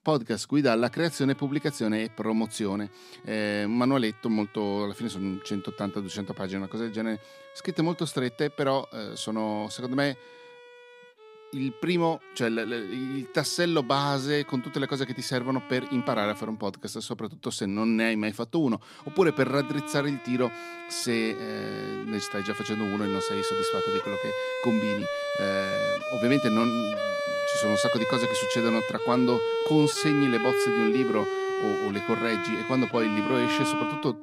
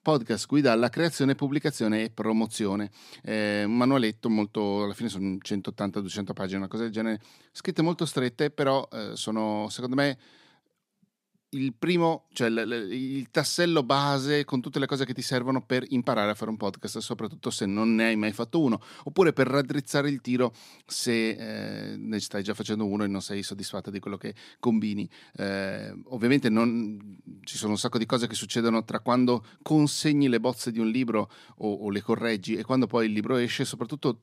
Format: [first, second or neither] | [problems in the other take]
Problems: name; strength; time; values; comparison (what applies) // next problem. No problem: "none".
second | background music; loud; throughout; 1 dB below the speech